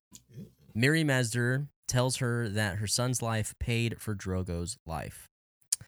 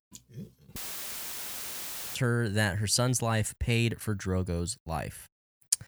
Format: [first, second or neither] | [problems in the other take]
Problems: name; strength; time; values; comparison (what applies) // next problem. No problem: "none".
first | audio cutting out; filled with static; at 1 s for 1.5 s